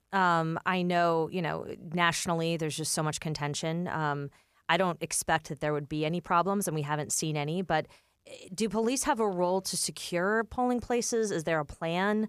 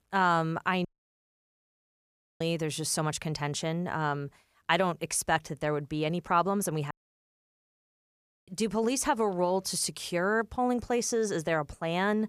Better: first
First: none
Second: audio cutting out; at 1 s for 1.5 s and at 7 s for 1.5 s

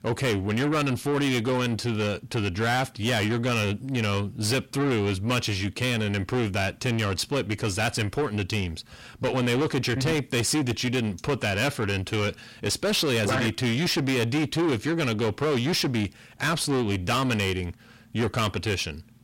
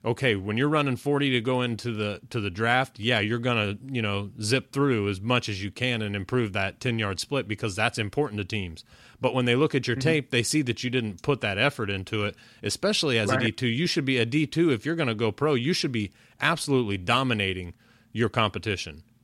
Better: second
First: distortion; heavy; 7 dB below the speech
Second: none

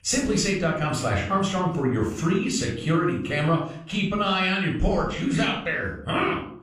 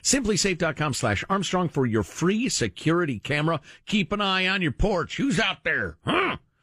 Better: second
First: off-mic speech; somewhat distant // room echo; noticeable; dies away in 0.5 s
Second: none

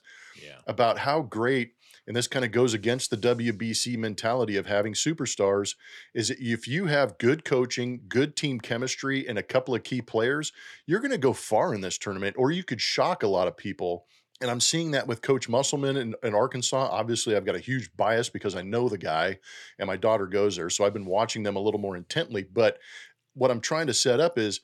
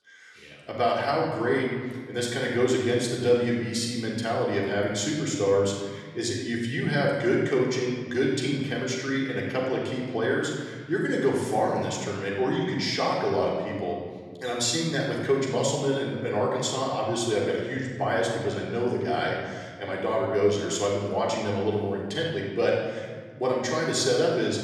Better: first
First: none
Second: off-mic speech; far // room echo; noticeable; dies away in 1.7 s

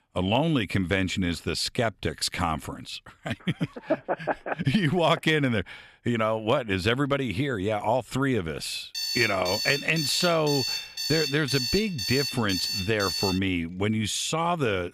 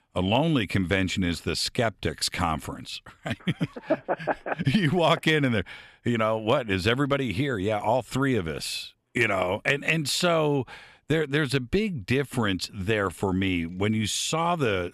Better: second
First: alarm; noticeable; from 9 to 13 s; peak 1 dB below the speech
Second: none

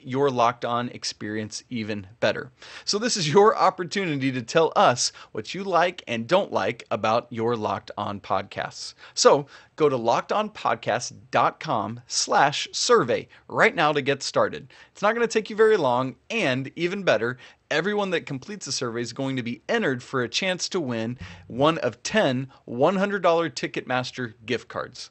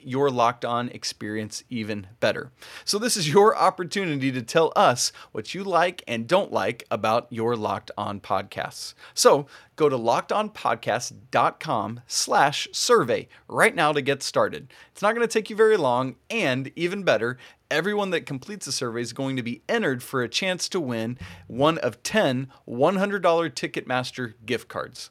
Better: second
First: garbled, watery; slightly; nothing above 8 kHz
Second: none

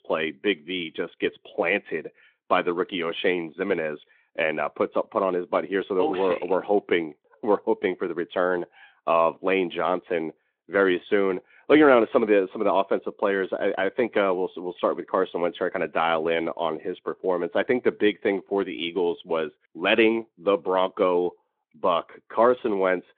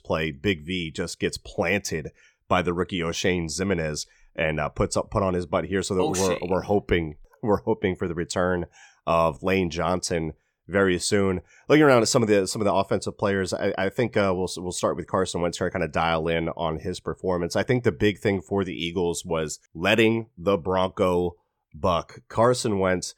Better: second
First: phone-call audio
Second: none

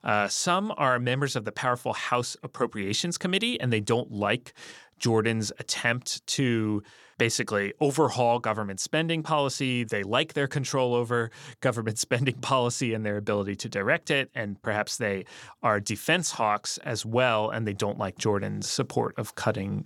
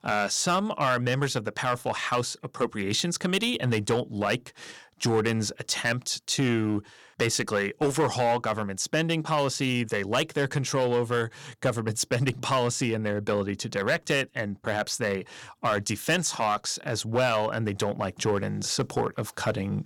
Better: first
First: none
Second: distortion; slight; 4% of the sound clipped

